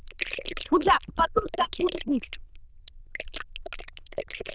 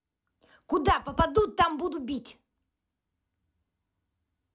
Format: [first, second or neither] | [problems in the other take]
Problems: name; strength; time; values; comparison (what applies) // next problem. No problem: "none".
second | noise reduction (neural diffusion model UNIVERSE++)